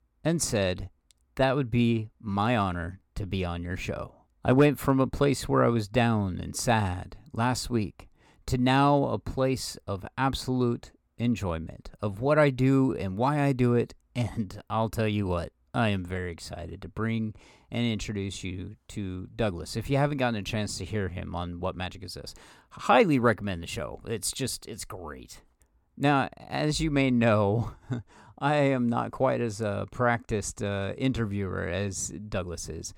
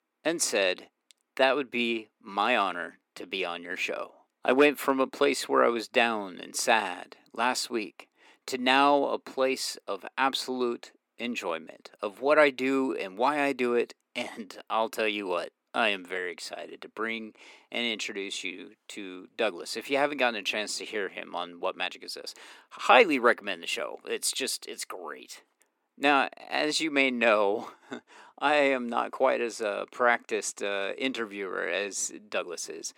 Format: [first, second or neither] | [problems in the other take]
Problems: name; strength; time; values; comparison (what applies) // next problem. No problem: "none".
first | thin; somewhat; fading below 300 Hz